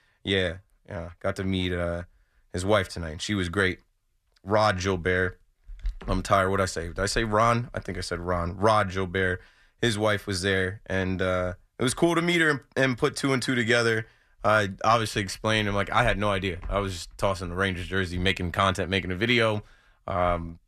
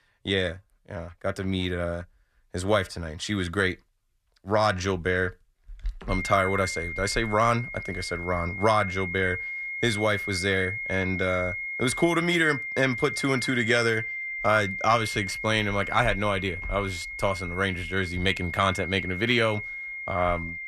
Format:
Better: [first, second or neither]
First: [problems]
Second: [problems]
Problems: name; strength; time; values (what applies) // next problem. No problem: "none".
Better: first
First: none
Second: high-pitched whine; loud; from 6 s on; 2 kHz, 6 dB below the speech